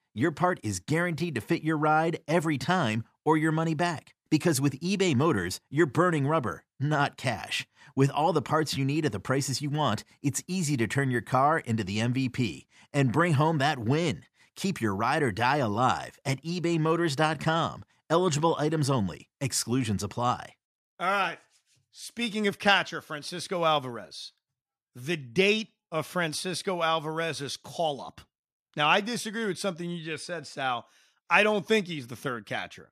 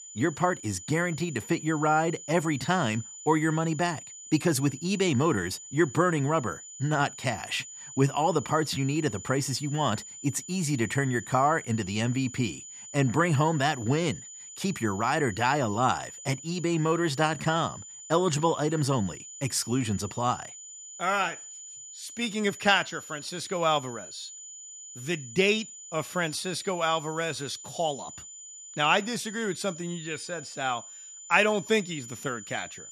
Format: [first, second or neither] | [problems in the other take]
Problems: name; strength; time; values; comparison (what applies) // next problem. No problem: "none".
first | high-pitched whine; noticeable; throughout; 7 kHz, 15 dB below the speech